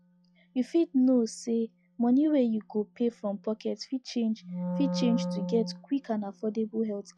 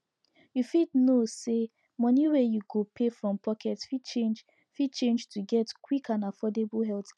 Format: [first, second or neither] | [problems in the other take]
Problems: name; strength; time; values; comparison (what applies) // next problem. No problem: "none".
second | noise reduction (classical method log-MMSE)